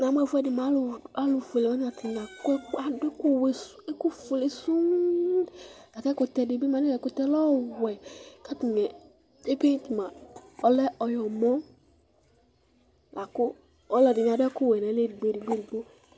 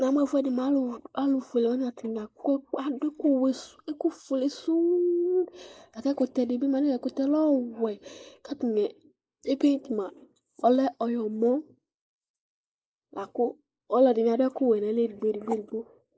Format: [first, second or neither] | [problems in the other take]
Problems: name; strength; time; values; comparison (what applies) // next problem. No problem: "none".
first | noise reduction (neural mask model Resemble Enhance denoiser)